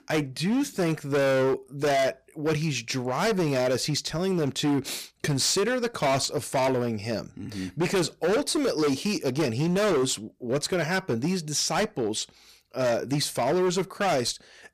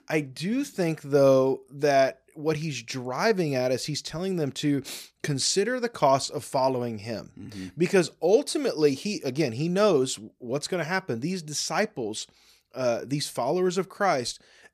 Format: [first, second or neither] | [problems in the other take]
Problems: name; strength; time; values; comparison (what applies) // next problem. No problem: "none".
second | distortion; heavy; 17% of the sound clipped